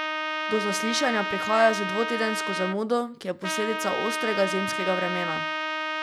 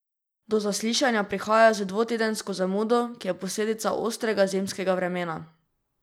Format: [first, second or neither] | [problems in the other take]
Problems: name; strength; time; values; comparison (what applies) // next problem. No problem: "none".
second | background sound (Trumpet); 2 dB below the speech